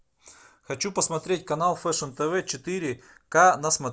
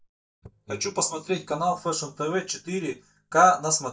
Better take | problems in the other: first | noise reduction (neural mask model DeepFilterNet 3)

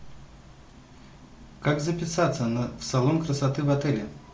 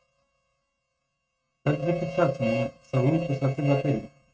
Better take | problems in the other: first | noise reduction (neural mask model RNNoise)

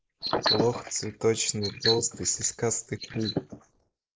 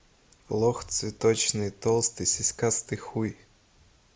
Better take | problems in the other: second | noise reduction (neural mask model Resemble Enhance denoiser)

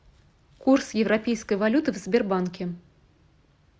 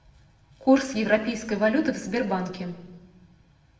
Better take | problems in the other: first | room echo; dies away in 0.8 s

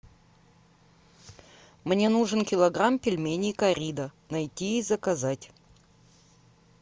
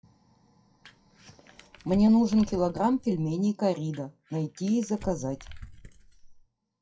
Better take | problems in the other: first | noise reduction (classical method WPE with log-MMSE)

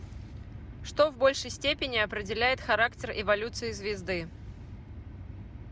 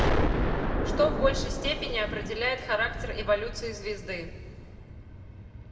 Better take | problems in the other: first | background sound (Explosion); 1 dB above the speech // room echo; dies away in 1.5 s

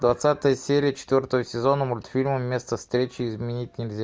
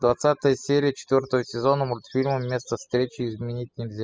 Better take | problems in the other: first | noise reduction (classical method spectral subtraction)

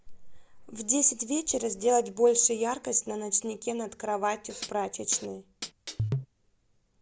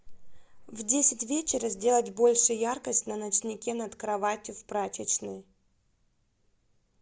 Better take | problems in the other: second | background sound (Hi-hat); 7 dB below the speech

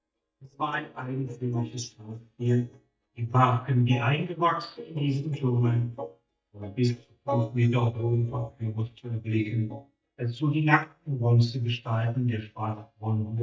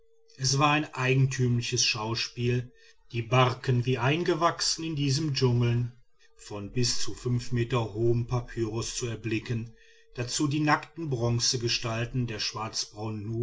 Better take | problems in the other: second | noise reduction (neural mask model DeepFilterNet 3)

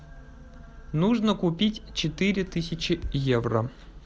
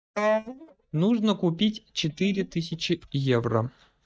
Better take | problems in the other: first | noise reduction (neural mask model DeepFilterNet 3)

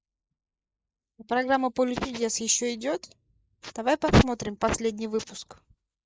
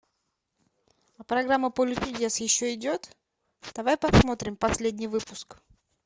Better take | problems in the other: second | noise reduction (neural mask model Resemble Enhance denoiser)

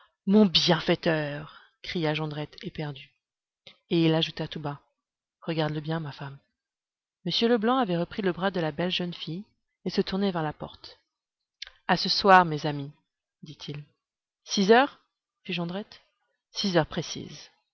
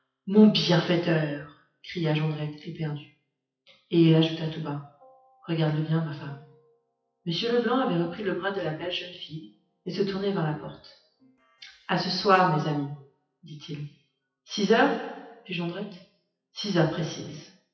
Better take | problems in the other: first | noise reduction (classical method WPE with log-MMSE)

